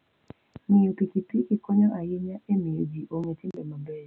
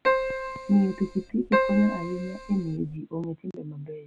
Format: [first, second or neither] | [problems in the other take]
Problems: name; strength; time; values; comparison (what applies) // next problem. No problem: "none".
first | background sound (Keyboard (musical)); 2 dB below the speech